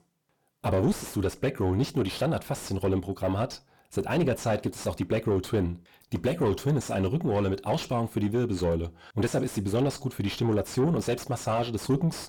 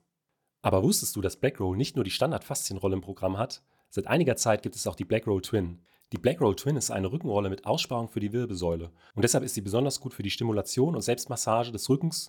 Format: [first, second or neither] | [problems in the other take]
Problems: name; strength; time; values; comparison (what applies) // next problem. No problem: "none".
second | distortion; heavy; 6 dB below the speech